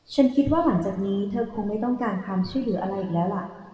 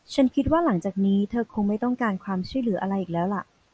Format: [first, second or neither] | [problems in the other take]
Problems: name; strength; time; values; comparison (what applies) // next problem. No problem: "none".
second | room echo; dies away in 1.8 s